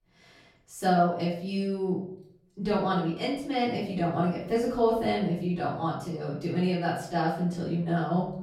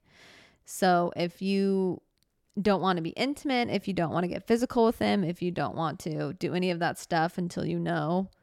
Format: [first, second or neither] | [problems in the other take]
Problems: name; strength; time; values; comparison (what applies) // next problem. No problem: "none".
second | off-mic speech; far // room echo; noticeable; dies away in 0.6 s